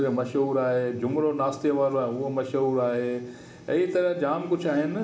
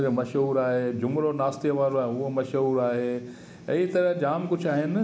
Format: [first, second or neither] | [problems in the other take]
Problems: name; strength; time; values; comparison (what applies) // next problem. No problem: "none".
second | room echo; dies away in 1.8 s